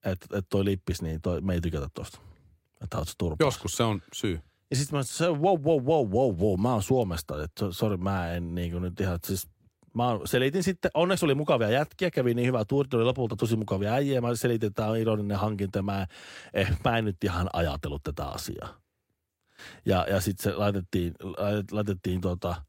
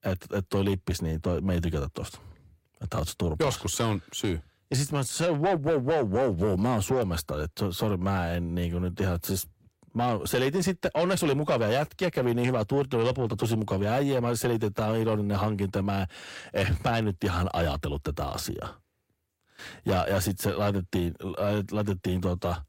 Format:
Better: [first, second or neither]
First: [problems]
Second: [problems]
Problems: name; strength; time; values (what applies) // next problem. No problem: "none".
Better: first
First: none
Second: distortion; slight; 10 dB below the speech